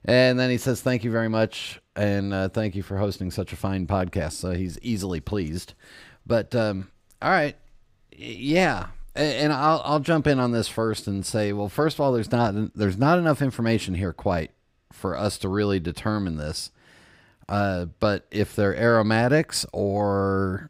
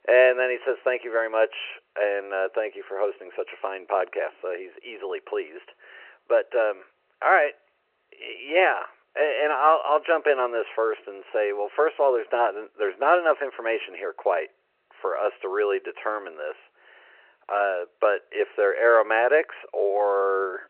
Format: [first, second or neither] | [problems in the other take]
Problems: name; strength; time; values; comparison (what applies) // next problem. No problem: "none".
first | phone-call audio; nothing above 2.5 kHz